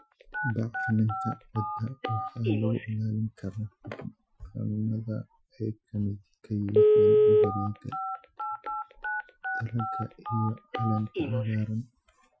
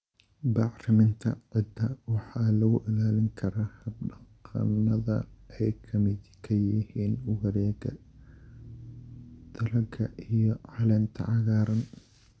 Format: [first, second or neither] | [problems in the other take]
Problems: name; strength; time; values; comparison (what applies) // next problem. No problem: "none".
second | noise reduction (classical method Wiener filter)